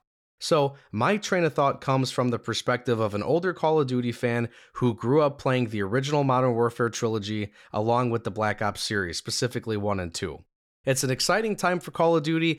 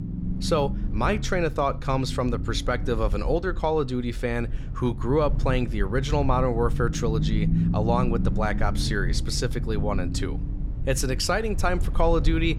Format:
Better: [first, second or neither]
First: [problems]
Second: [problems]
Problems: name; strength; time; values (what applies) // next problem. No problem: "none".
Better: first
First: none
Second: low rumble; noticeable; throughout; 15 dB below the speech